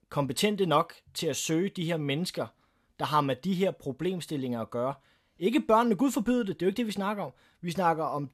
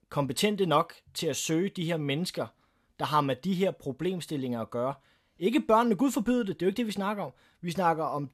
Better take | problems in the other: neither | none

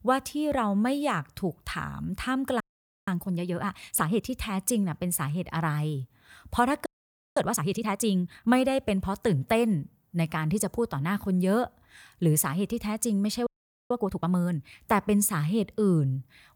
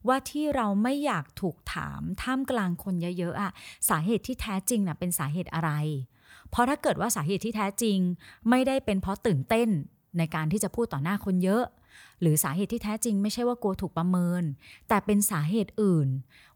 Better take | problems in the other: second | audio freezing; at 2.5 s, at 7 s for 0.5 s and at 13 s

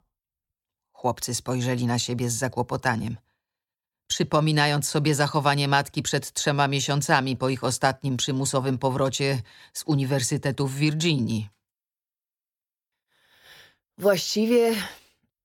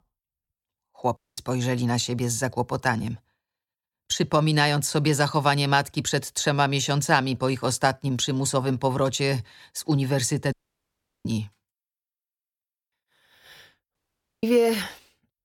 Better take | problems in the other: first | audio cutting out; at 1 s, at 11 s for 0.5 s and at 14 s

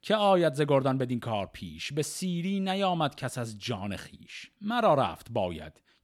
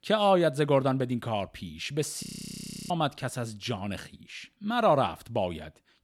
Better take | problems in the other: first | audio freezing; at 2 s for 0.5 s

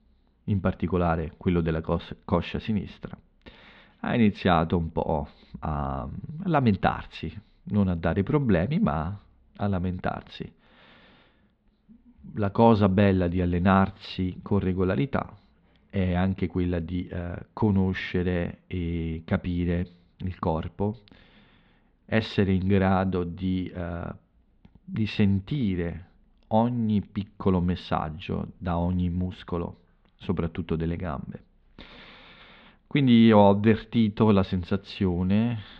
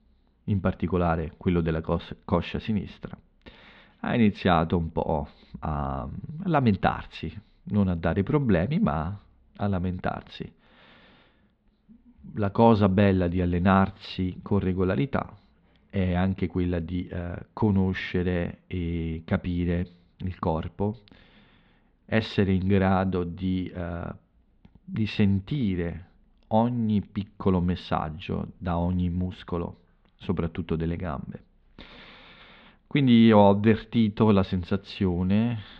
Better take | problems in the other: neither | muffled; slightly; fading above 4 kHz; the same in both

